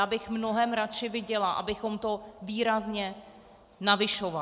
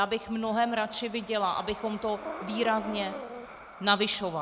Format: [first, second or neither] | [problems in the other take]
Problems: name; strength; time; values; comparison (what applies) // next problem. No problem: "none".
first | background sound (Breathing); 13 dB below the speech